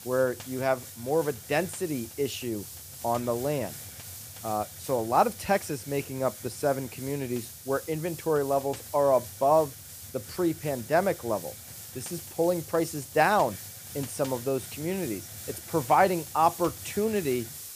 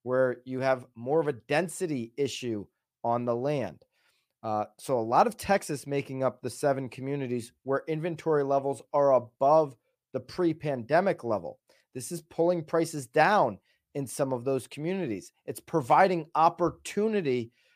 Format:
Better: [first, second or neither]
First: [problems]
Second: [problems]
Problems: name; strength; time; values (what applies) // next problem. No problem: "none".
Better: second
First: hiss; noticeable; throughout; 10 dB below the speech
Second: none